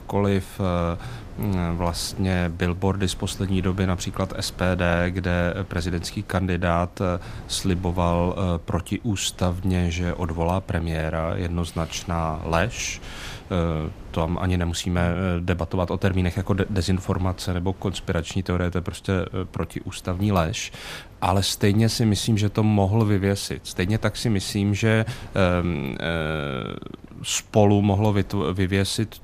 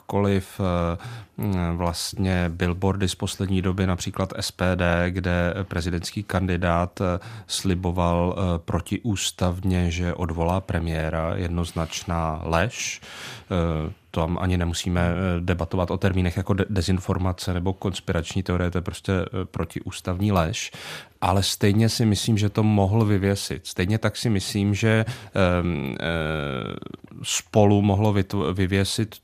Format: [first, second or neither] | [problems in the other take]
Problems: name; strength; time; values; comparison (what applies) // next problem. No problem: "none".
second | wind noise on the microphone; occasional gusts; 25 dB below the speech